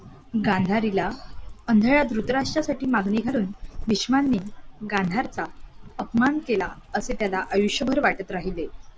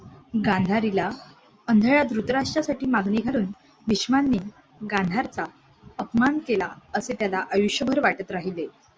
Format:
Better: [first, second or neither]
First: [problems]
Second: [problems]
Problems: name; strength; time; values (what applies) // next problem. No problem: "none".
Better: second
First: background sound (Dog); 14 dB below the speech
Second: none